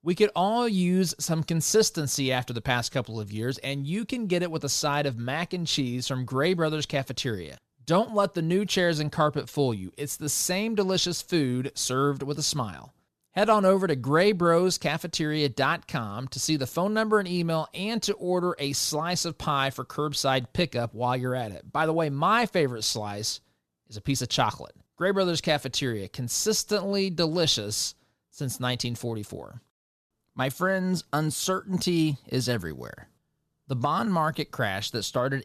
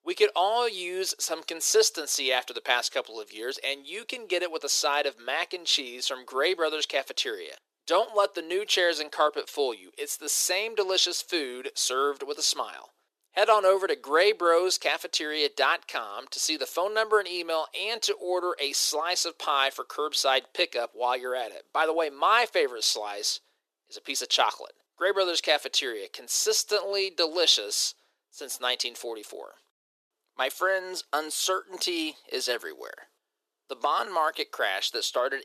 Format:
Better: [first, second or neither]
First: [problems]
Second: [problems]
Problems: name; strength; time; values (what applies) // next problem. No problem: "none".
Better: first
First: none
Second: thin; very; fading below 350 Hz